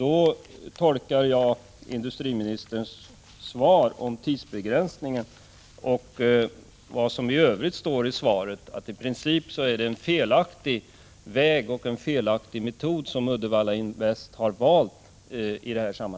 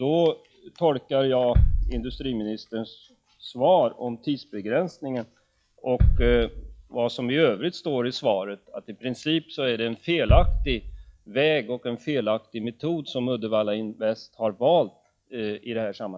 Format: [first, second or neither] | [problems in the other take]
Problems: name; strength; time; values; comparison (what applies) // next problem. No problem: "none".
first | noise reduction (classical method log-MMSE)